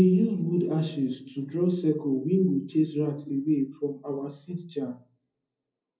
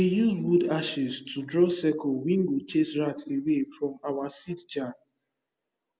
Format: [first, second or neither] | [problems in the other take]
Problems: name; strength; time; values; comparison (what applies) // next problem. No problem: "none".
second | room echo; dies away in 0.4 s